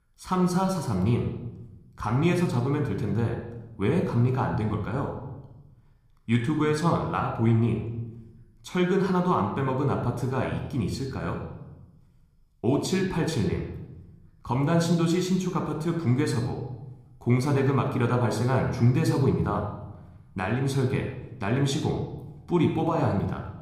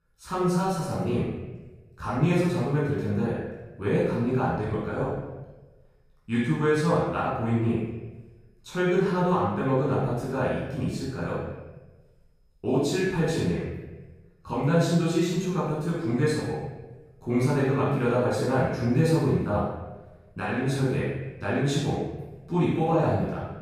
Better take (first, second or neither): first